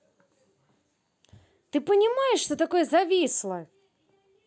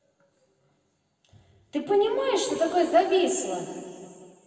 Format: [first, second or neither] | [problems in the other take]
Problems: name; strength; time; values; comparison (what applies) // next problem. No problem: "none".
first | room echo; dies away in 2.5 s